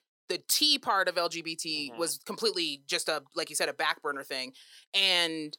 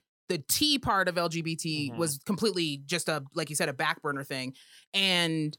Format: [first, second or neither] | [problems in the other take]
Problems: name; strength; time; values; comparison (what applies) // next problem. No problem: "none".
second | thin; somewhat; fading below 450 Hz